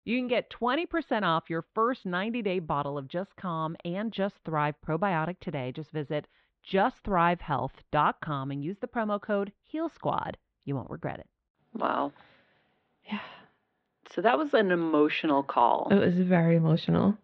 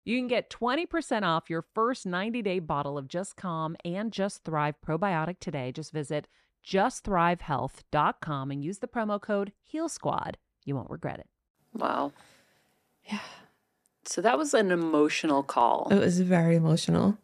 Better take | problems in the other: second | muffled; very; fading above 3.5 kHz

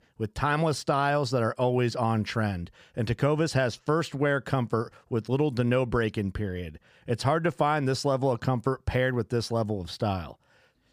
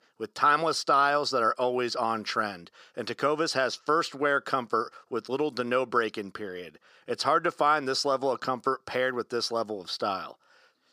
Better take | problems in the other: first | thin; somewhat; fading below 350 Hz

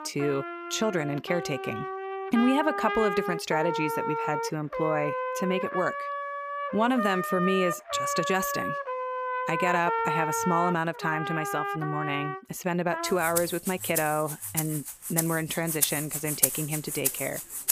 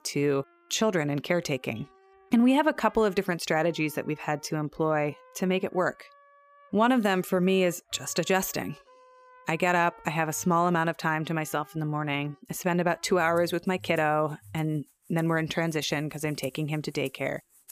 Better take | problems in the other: second | background music; loud; throughout; 2 dB below the speech; faint in the second

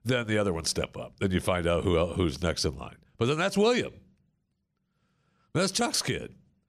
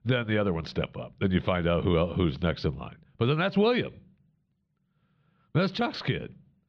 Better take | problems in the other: first | muffled; slightly; fading above 4 kHz

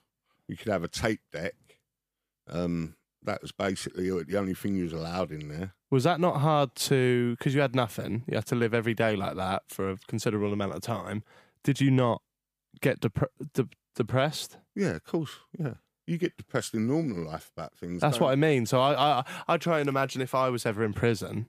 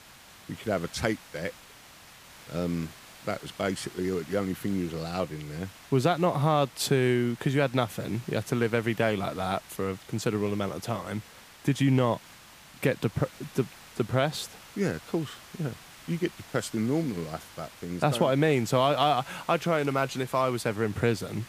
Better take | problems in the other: first | hiss; noticeable; throughout; 20 dB below the speech

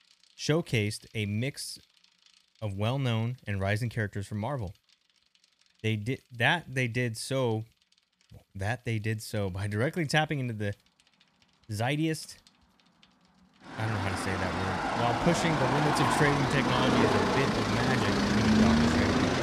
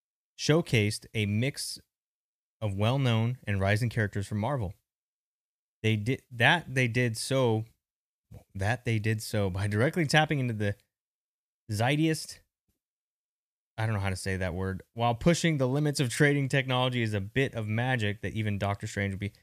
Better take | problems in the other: second | traffic noise; very loud; throughout; 4 dB above the speech

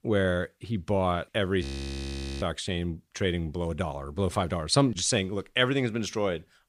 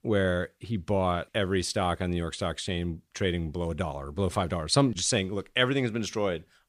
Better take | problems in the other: second | audio freezing; at 1.5 s for 1 s

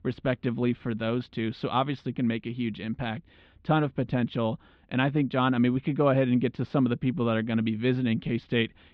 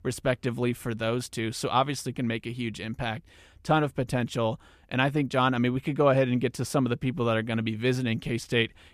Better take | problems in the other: second | muffled; slightly; fading above 4 kHz

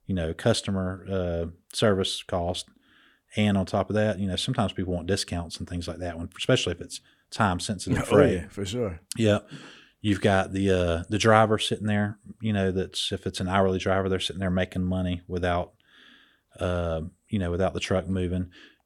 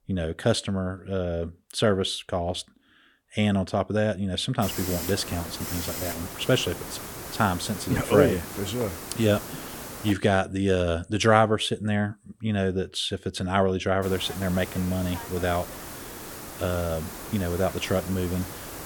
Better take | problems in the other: first | hiss; loud; from 4.5 to 10 s and from 14 s on; 9 dB below the speech

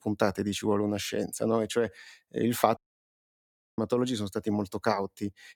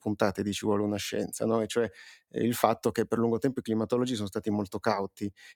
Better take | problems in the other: second | audio cutting out; at 3 s for 1 s

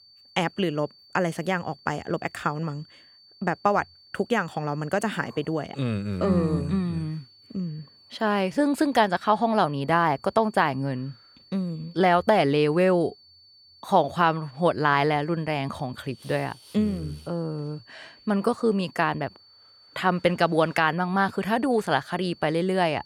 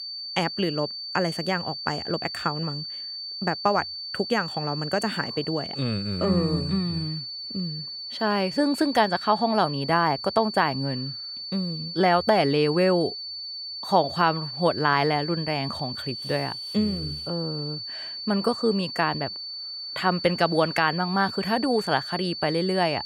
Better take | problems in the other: first | high-pitched whine; loud; throughout; 4.5 kHz, 7 dB below the speech; faint in the first

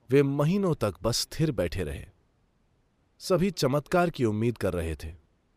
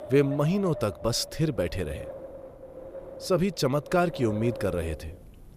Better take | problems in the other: first | wind noise on the microphone; occasional gusts; 10 dB below the speech

